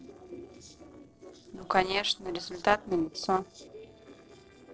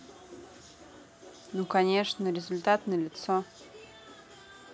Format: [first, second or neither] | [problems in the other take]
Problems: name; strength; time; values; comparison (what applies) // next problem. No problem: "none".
second | noise reduction (neural separator model SepFormer DNS4)